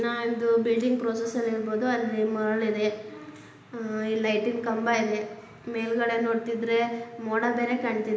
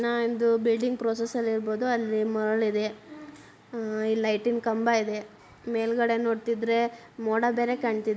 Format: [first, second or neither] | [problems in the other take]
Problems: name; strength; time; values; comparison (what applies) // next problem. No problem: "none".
second | room echo; dies away in 0.9 s